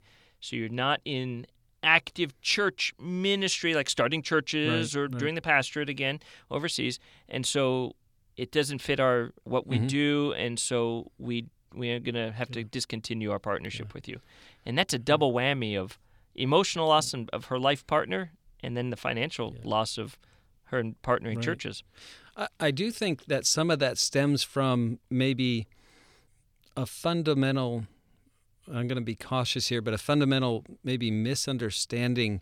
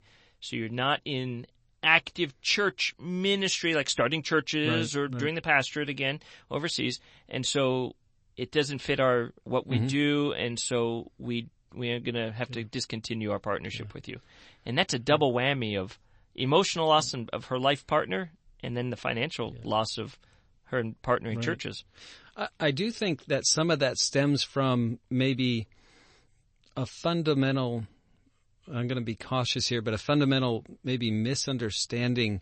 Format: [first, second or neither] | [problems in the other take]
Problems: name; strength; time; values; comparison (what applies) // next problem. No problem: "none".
first | garbled, watery; slightly; nothing above 8 kHz